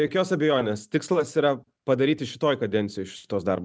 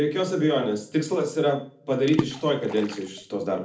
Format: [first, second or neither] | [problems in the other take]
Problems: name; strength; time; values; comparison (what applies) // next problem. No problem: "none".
first | background sound (Water / Splash, splatter); 9 dB below the speech // room echo; dies away in 0.4 s